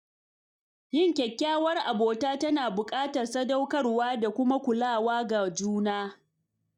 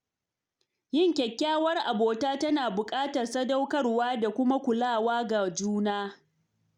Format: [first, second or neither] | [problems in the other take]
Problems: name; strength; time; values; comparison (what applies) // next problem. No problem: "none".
second | noise reduction (neural mask model DeepFilterNet 3)